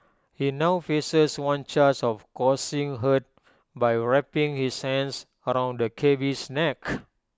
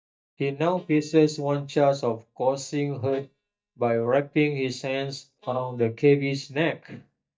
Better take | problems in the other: first | noise reduction (neural mask model DeepFilterNet 3)

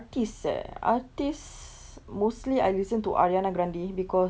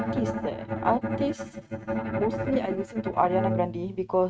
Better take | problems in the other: first | noise reduction (neural mask model RNNoise)

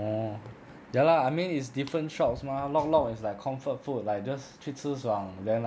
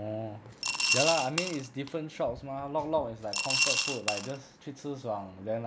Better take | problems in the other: first | background sound (Coin (dropping) / Glass); 3 dB above the speech

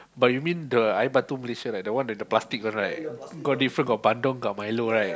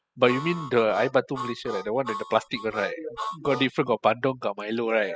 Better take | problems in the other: first | noise reduction (classical method spectral subtraction)

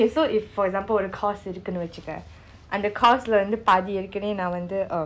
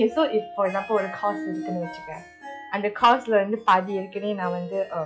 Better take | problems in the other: first | noise reduction (classical method log-MMSE)

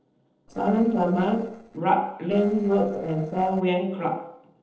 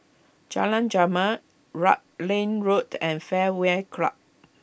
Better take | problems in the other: second | noise reduction (neural separator model SepFormer DNS4)

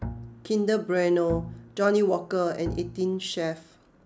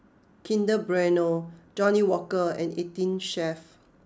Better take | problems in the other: second | background sound (Bowed string instrument); 14 dB below the speech

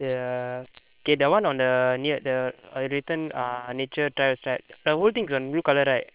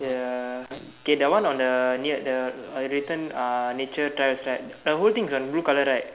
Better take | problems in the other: second | noise reduction (neural separator model SepFormer WHAM!)

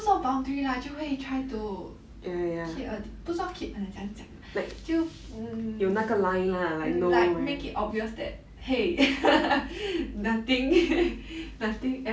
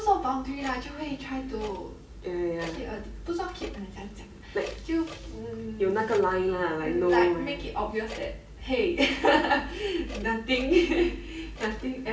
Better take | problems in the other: first | background sound (Clock); 20 dB below the speech // room echo; dies away in 1 s

